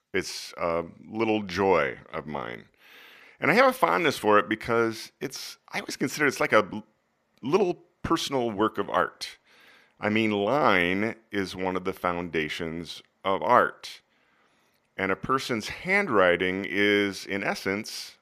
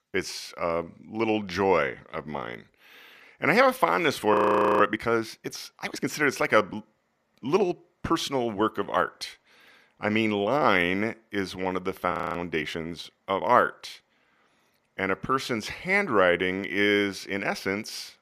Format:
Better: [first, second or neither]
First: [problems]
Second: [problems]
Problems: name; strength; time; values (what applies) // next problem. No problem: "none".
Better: first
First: none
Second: audio freezing; at 4.5 s and at 12 s